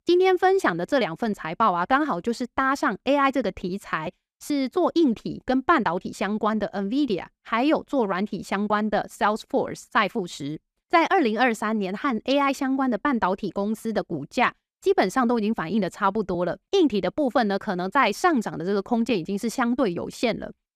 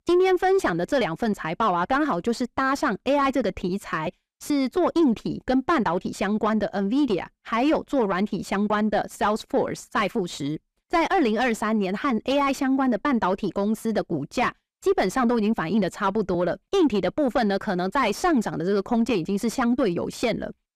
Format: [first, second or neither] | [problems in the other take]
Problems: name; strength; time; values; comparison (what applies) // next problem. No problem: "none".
first | distortion; slight; 10 dB below the speech